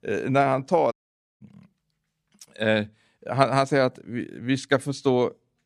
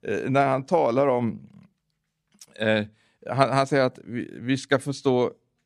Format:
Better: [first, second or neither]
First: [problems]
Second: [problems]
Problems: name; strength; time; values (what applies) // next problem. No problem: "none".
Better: second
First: audio cutting out; at 1 s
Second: none